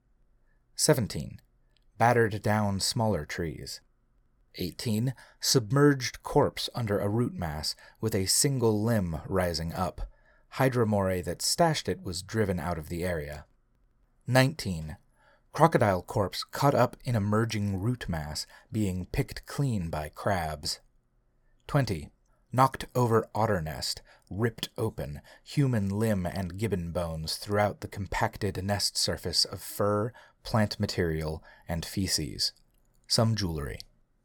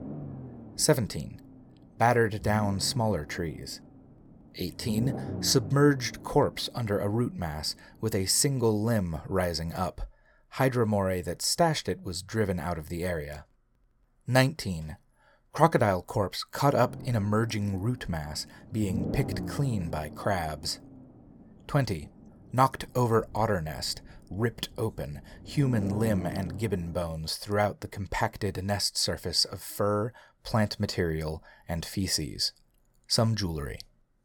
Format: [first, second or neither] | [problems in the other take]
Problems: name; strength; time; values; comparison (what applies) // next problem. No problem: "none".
first | low rumble; noticeable; until 9 s and from 17 to 27 s; 15 dB below the speech